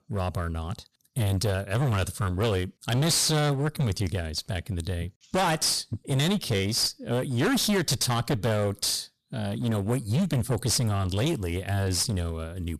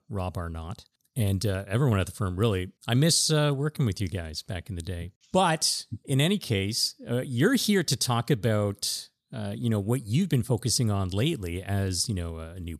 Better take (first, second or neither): second